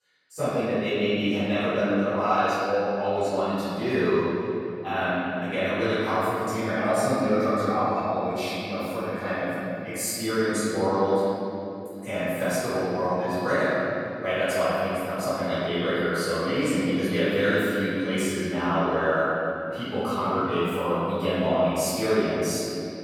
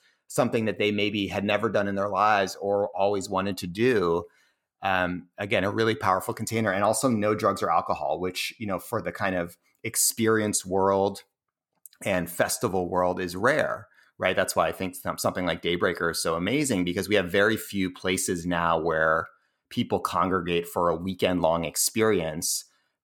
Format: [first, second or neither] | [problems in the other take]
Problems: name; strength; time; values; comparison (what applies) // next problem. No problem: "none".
second | off-mic speech; far // room echo; strong; dies away in 2.9 s